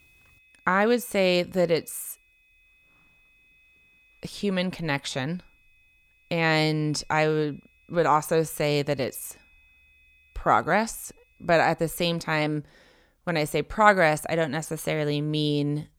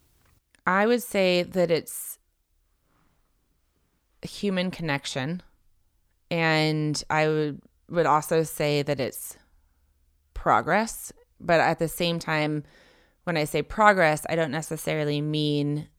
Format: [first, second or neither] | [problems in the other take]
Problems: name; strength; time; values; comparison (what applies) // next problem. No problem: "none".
second | high-pitched whine; faint; until 13 s; 2.5 kHz, 35 dB below the speech